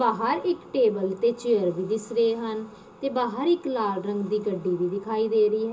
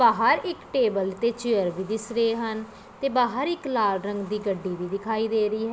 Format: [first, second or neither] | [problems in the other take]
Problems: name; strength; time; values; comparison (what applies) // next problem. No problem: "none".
second | room echo; dies away in 0.2 s